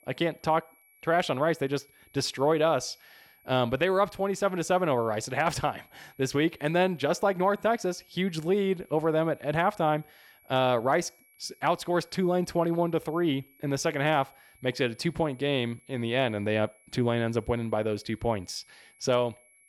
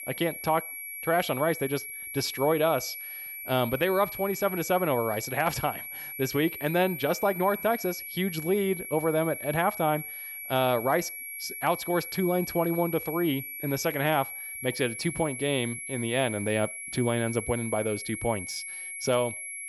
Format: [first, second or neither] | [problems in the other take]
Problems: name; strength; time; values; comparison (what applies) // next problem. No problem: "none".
first | high-pitched whine; loud; throughout; 2.5 kHz, 8 dB below the speech; faint in the first